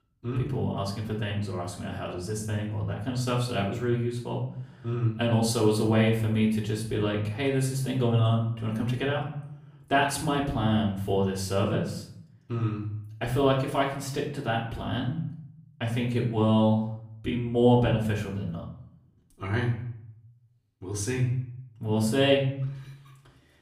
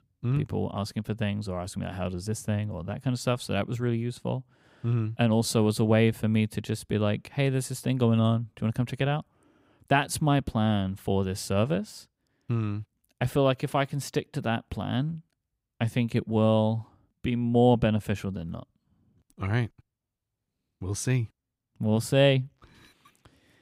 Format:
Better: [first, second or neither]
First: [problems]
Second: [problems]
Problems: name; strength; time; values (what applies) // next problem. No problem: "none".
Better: second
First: off-mic speech; far // room echo; slight; dies away in 0.5 s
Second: none